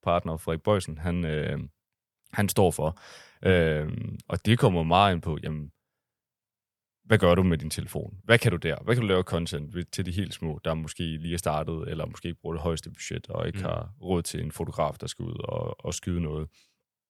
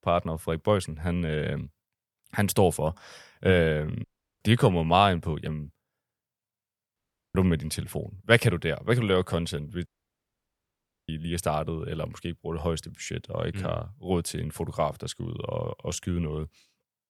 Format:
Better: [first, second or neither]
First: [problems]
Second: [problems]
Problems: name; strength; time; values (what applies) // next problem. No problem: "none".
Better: first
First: none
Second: audio cutting out; at 4 s, at 7 s and at 10 s for 1 s